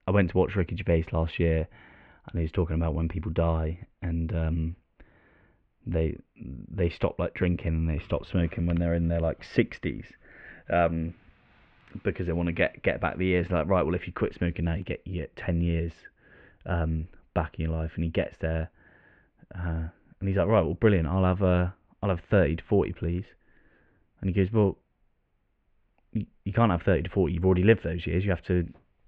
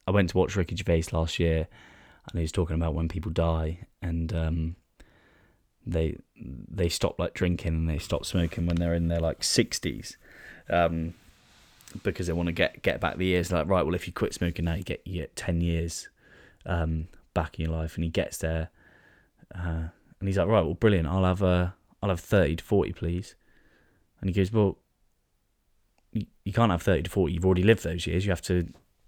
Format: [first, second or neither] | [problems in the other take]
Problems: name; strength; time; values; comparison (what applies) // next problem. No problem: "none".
second | muffled; very; fading above 2.5 kHz